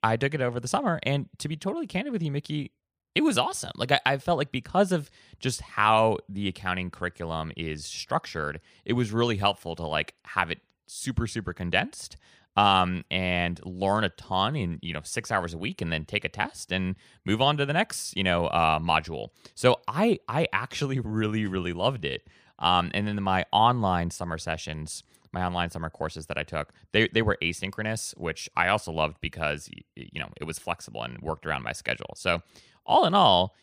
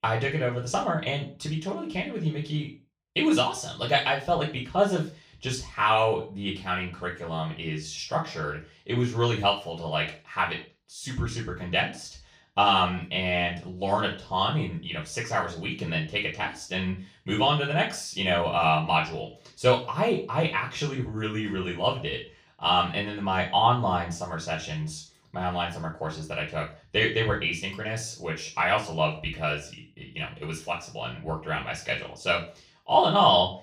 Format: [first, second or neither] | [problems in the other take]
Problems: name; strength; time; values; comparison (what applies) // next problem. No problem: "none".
first | room echo; slight; dies away in 0.3 s // off-mic speech; far